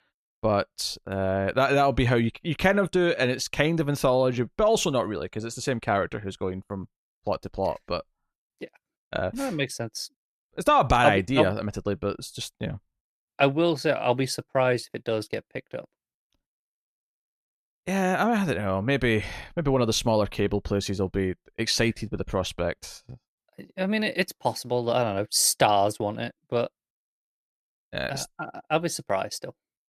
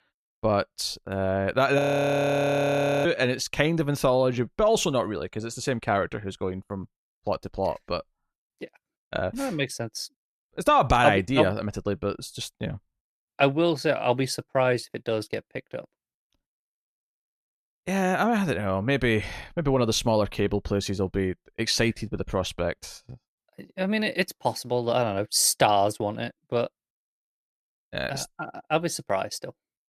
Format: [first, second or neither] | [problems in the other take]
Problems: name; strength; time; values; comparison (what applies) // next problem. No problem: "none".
first | audio freezing; at 2 s for 1.5 s